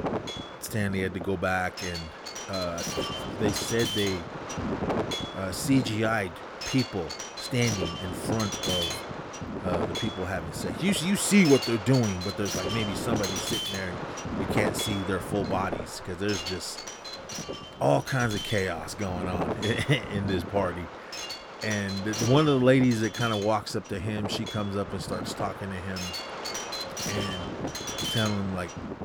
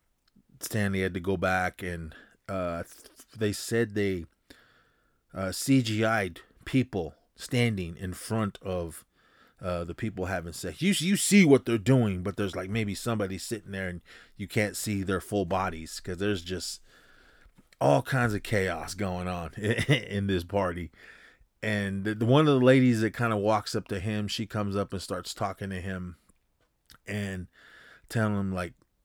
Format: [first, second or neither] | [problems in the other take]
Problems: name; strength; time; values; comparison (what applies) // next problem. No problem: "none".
second | wind noise on the microphone; heavy; 3 dB below the speech